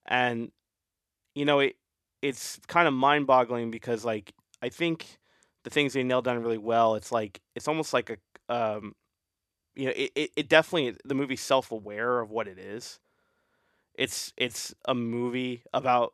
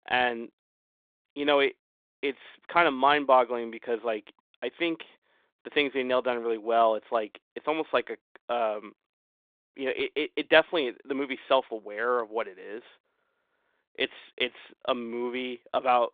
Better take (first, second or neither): first